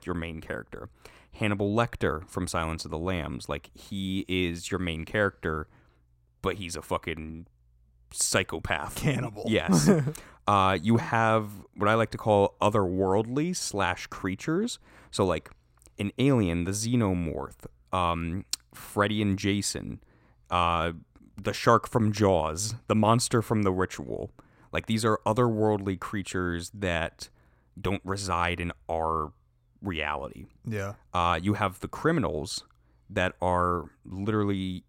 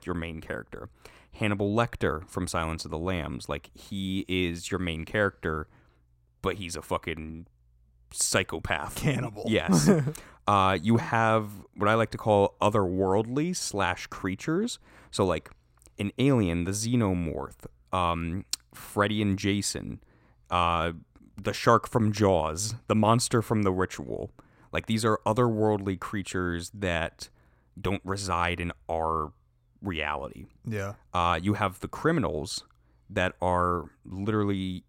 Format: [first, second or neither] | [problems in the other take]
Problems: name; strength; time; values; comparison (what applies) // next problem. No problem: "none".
neither | none